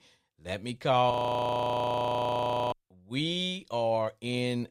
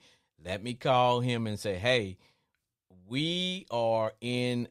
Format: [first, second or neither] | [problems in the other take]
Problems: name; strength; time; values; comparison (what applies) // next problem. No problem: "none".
second | audio freezing; at 1 s for 1.5 s